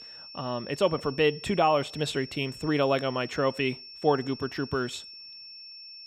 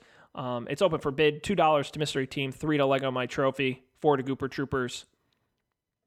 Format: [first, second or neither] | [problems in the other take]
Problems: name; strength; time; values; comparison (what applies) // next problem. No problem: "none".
second | high-pitched whine; noticeable; throughout; 5.5 kHz, 15 dB below the speech